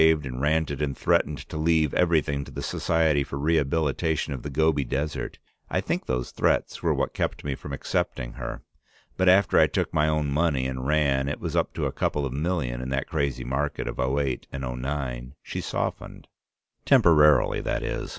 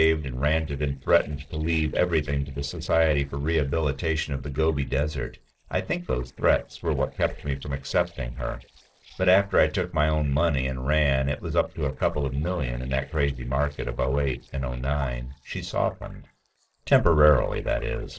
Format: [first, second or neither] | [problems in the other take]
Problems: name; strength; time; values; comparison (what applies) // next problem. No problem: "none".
first | noise reduction (neural separator model SepFormer DNS4)